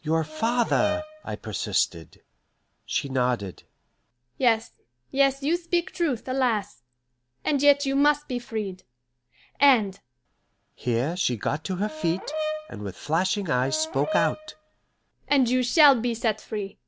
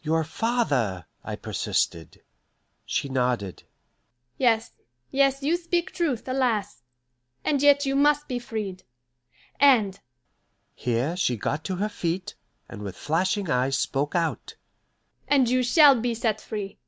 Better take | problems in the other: second | background sound (Brass instrument); 7 dB below the speech

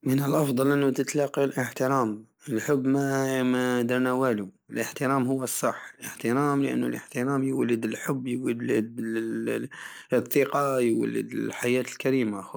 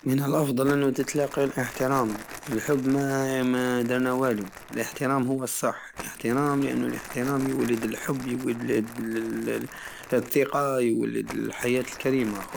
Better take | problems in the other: first | background sound (Crumpling, crinkling); 17 dB below the speech

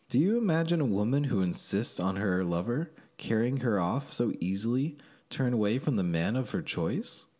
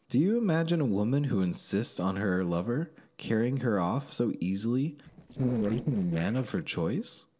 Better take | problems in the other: first | noise reduction (neural separator model SepFormer DNS4)

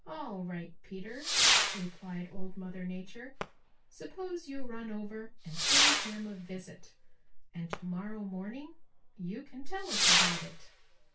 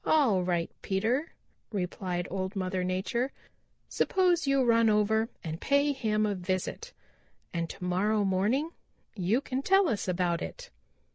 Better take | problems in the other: second | background sound (Whoosh, swoosh, swish / Fireworks); 4 dB above the speech // room echo; dies away in 0.2 s

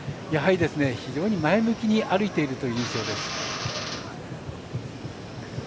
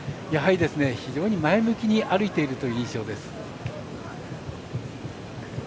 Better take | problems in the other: second | background sound (Drill); 12 dB below the speech

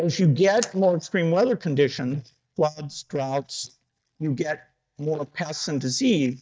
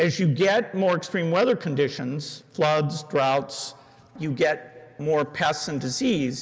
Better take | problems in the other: second | noise reduction (neural mask model DeepFilterNet 3)

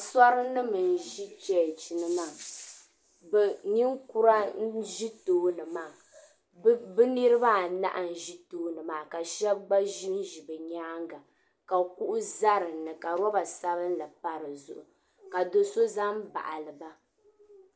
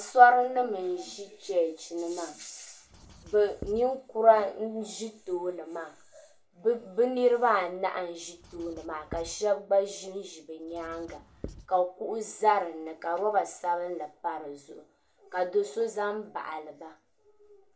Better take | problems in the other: first | background sound (Writing); 18 dB below the speech // room echo; dies away in 0.2 s

